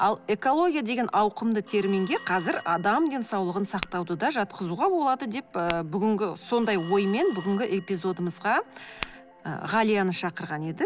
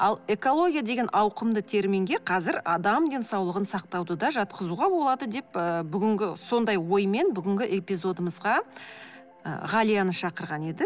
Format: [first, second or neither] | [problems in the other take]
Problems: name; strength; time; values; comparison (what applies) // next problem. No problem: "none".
second | background sound (Telephone + Tap / Glass); 19 dB below the speech